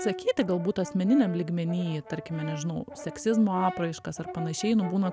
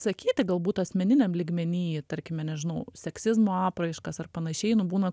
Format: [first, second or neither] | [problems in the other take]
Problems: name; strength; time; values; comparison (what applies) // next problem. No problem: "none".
second | background sound (Brass instrument); 12 dB below the speech